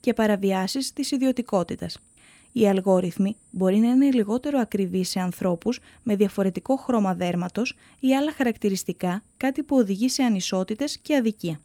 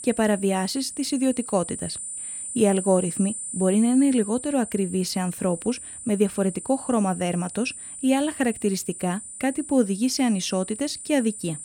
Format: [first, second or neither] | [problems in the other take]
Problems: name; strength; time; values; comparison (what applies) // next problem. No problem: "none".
first | high-pitched whine; loud; throughout; 9 kHz, 9 dB below the speech; faint in the first